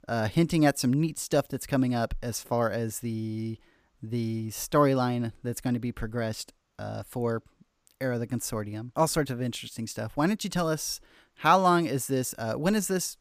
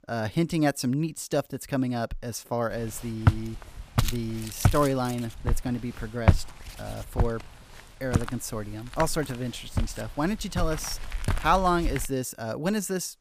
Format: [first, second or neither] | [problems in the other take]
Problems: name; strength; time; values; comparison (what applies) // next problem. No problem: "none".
first | footsteps; loud; from 3.5 to 12 s; peak 5 dB above the speech